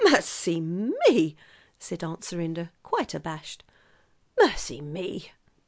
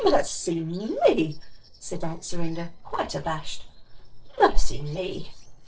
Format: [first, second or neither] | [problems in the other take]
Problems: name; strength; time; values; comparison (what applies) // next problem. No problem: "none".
first | noise reduction (neural separator model SepFormer DNS4)